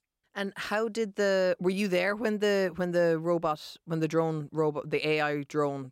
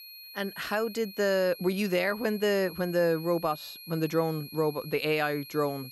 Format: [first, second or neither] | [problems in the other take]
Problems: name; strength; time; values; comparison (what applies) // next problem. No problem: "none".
first | high-pitched whine; noticeable; throughout; 4 kHz, 15 dB below the speech